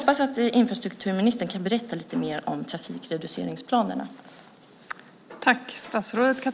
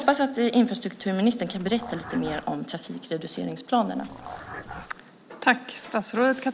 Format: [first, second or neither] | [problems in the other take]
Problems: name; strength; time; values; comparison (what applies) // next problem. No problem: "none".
first | background sound (Dog); 14 dB below the speech